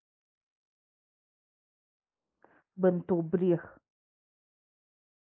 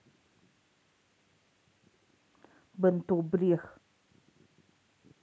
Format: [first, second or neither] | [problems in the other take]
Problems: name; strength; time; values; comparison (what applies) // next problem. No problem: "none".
second | noise reduction (neural mask model Resemble Enhance denoiser)